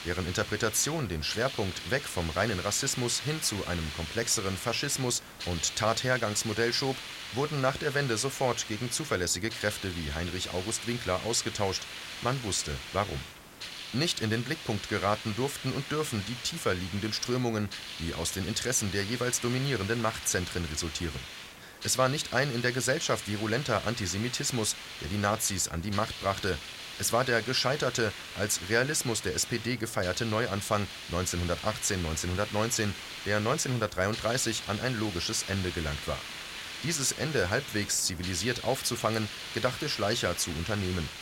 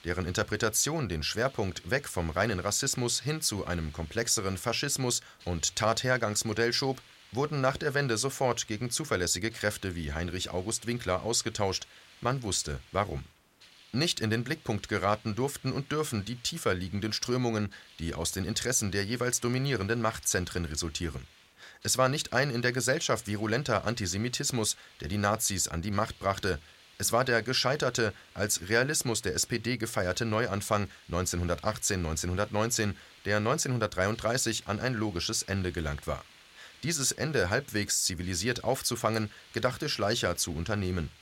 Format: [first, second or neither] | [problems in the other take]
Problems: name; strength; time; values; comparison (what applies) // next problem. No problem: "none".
second | hiss; loud; throughout; 9 dB below the speech; faint in the second